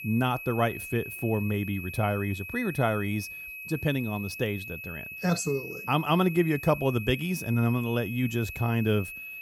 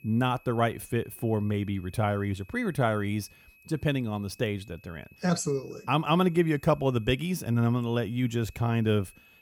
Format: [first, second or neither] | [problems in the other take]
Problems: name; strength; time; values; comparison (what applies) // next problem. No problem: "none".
second | high-pitched whine; loud; throughout; 2.5 kHz, 9 dB below the speech; faint in the second